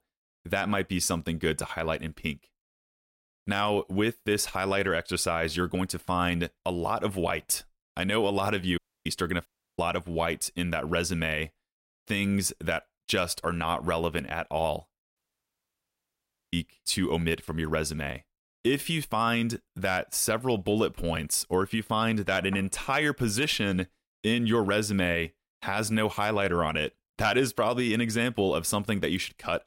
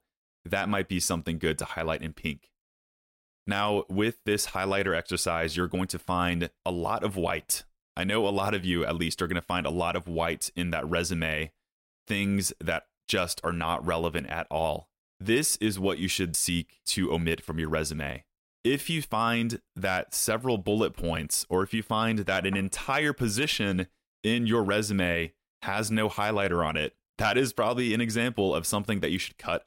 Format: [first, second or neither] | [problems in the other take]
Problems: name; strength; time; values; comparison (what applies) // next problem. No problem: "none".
second | audio cutting out; at 9 s, at 9.5 s and at 15 s for 1.5 s